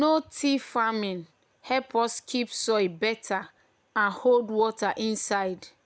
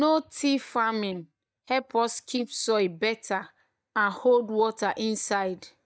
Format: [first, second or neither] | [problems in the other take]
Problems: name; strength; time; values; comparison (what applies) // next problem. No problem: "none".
first | noise reduction (neural mask model DeepFilterNet 3)